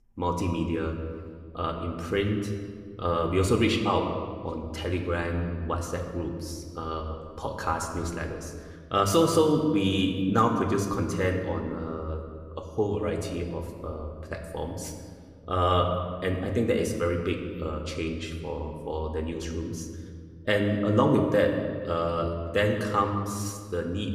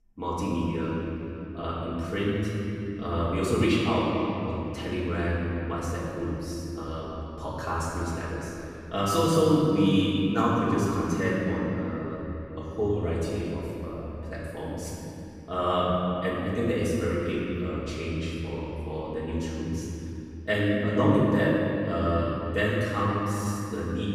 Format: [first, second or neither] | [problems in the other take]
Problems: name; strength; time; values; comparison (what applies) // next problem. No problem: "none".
first | room echo; strong; dies away in 3 s; slight in the first // off-mic speech; far